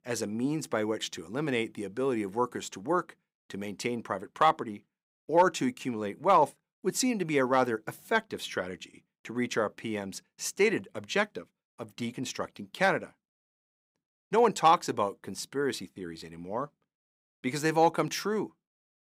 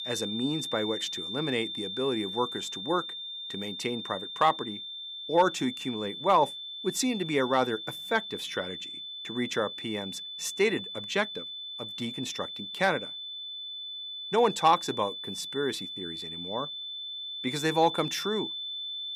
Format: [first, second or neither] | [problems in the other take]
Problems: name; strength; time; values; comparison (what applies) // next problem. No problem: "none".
first | high-pitched whine; loud; throughout; 3.5 kHz, 6 dB below the speech